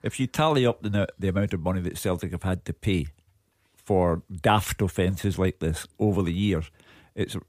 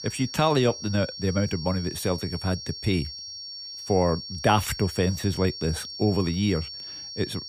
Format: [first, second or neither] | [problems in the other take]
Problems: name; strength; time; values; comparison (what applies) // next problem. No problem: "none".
first | high-pitched whine; loud; throughout; 5.5 kHz, 9 dB below the speech